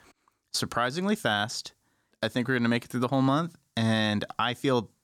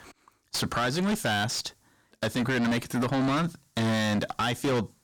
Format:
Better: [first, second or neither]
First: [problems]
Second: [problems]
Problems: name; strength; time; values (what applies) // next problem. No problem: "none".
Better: first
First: none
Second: distortion; heavy; 6 dB below the speech